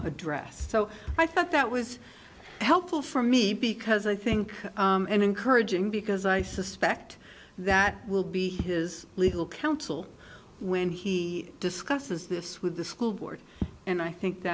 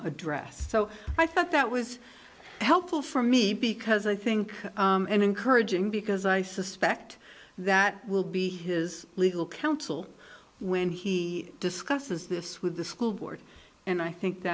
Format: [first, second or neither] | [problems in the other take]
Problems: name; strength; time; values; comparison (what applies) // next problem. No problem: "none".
second | background sound (Fireworks); 16 dB below the speech